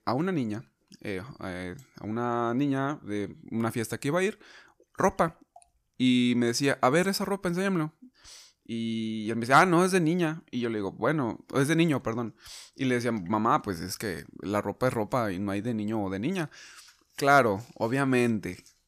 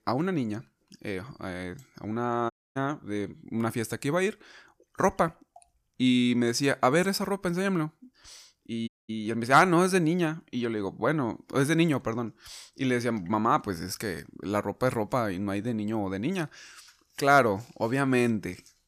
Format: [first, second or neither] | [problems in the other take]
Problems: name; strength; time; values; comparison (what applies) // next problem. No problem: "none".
first | audio cutting out; at 2.5 s and at 9 s